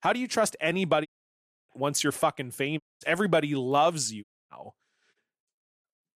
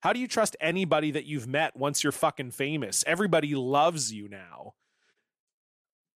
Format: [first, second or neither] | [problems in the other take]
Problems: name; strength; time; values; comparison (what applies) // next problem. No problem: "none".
second | audio cutting out; at 1 s for 0.5 s, at 3 s and at 4 s